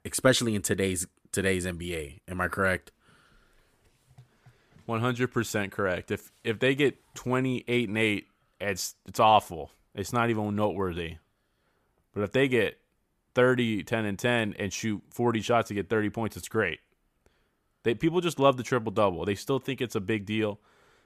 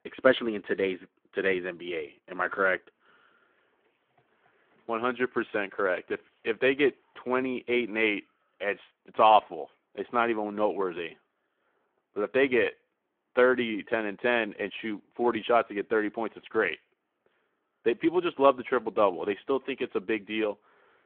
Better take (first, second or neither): first